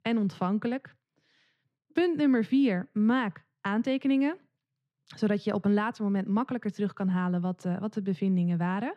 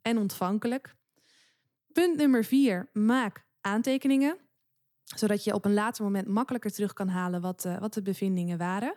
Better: second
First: muffled; slightly; fading above 3 kHz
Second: none

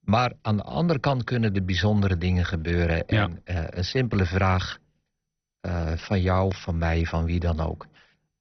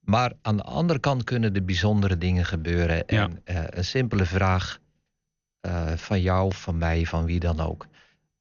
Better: second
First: garbled, watery; badly; nothing above 6 kHz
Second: garbled, watery; slightly; nothing above 6.5 kHz

